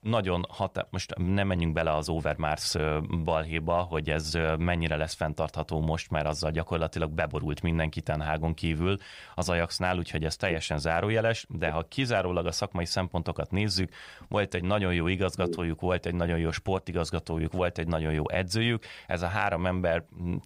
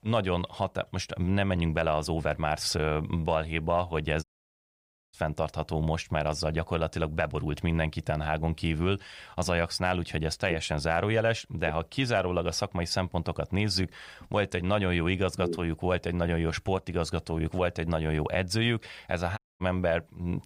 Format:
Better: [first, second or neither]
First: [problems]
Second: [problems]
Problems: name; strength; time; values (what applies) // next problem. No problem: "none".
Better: first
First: none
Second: audio cutting out; at 4 s for 1 s and at 19 s